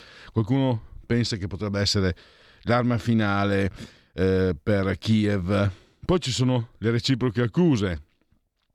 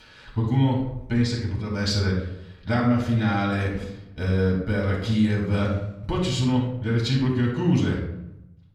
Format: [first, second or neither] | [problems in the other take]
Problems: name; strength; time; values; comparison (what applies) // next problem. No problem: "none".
first | off-mic speech; far // room echo; noticeable; dies away in 0.7 s